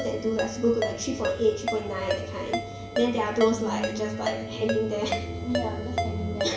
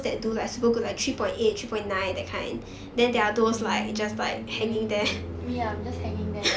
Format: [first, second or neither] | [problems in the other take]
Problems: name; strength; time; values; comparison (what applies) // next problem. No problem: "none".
second | background sound (Ringtone); 6 dB below the speech // room echo; dies away in 0.8 s